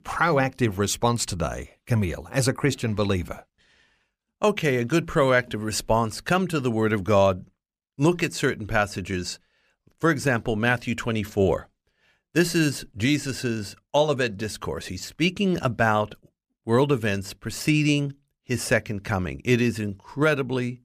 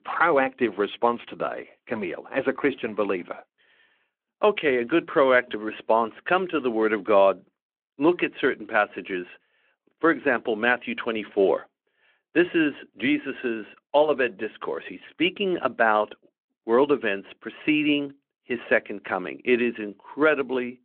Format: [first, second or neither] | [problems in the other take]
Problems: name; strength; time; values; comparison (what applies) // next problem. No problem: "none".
first | phone-call audio